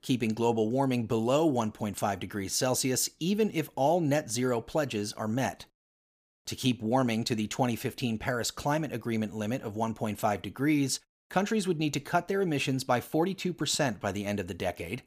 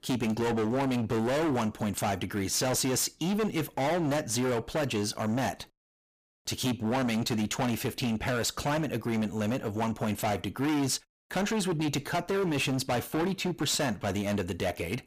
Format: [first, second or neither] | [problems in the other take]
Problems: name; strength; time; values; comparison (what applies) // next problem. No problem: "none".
first | distortion; heavy; 24% of the sound clipped